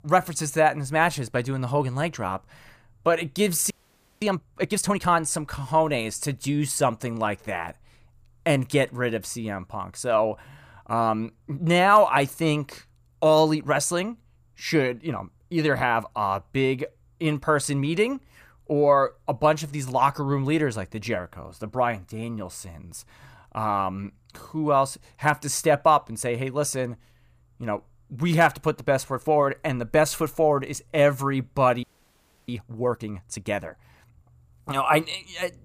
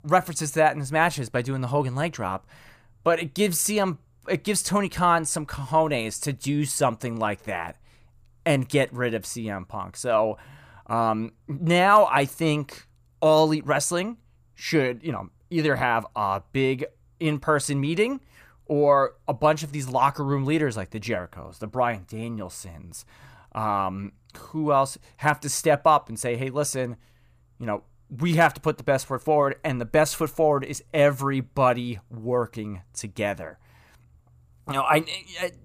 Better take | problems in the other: second | audio freezing; at 3.5 s for 0.5 s and at 32 s for 0.5 s

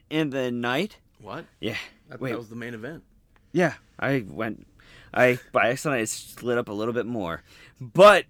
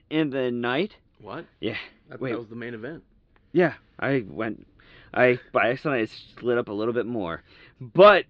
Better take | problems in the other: first | muffled; slightly; fading above 4 kHz

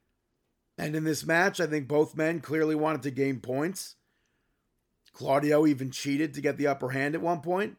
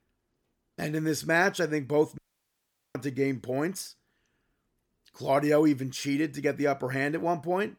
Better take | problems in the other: first | audio cutting out; at 2 s for 1 s

